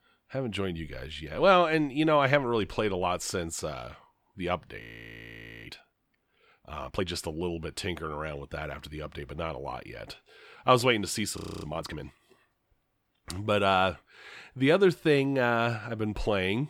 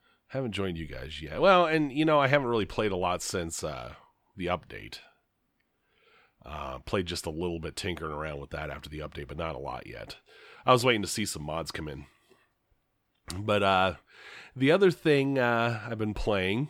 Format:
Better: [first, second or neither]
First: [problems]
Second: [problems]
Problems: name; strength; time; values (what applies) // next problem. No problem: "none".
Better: second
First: audio freezing; at 5 s for 1 s and at 11 s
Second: none